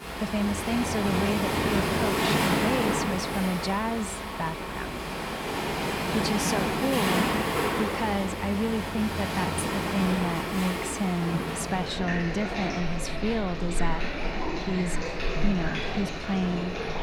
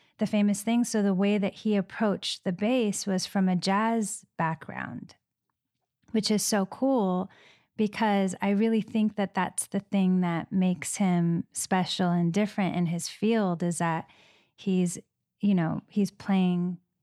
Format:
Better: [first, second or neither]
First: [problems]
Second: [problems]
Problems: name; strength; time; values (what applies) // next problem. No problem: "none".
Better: second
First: rain or running water; very loud; throughout; 1 dB above the speech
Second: none